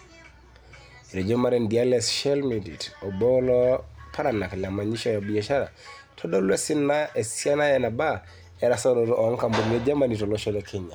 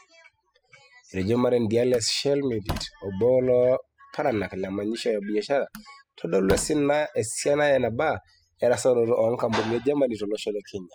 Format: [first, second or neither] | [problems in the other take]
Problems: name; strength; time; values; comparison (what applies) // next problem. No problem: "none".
first | noise reduction (classical method spectral subtraction)